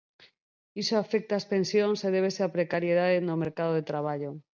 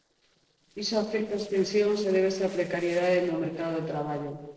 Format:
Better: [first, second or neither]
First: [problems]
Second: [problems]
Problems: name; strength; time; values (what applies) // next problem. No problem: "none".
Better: first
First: none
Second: noise reduction (neural separator model SepFormer DNS4)